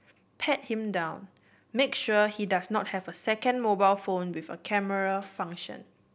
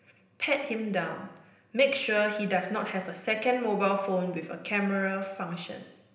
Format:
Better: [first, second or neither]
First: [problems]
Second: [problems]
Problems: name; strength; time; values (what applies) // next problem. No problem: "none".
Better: first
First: none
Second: room echo; dies away in 0.9 s